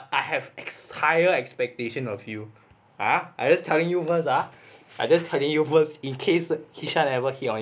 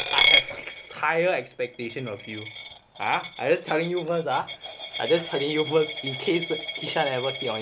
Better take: first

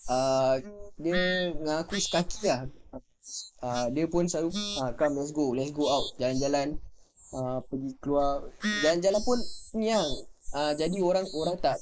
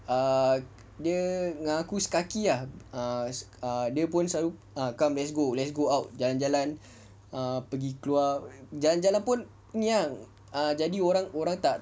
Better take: second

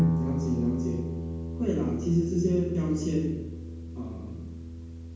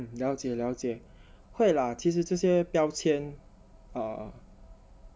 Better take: second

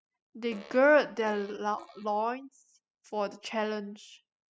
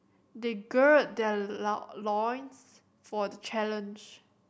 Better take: second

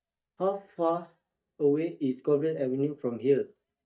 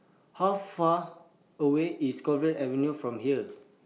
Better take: second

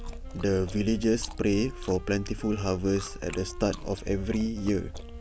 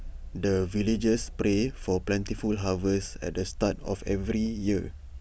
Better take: second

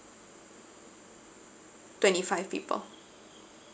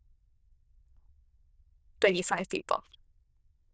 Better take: first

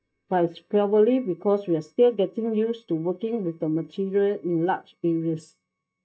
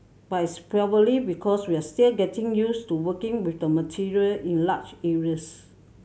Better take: second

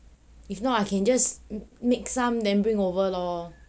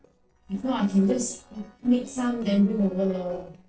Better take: first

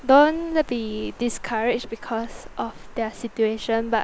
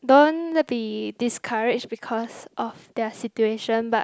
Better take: second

